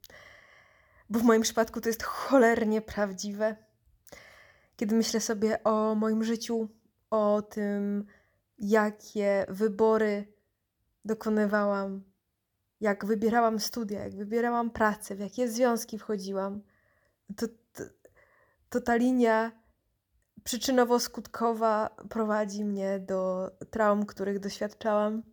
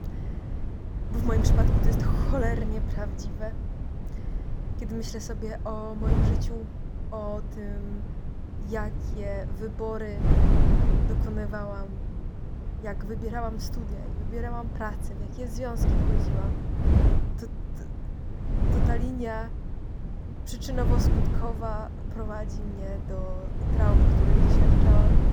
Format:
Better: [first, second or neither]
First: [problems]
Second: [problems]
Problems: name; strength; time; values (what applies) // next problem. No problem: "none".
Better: first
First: none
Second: wind noise on the microphone; heavy; 2 dB below the speech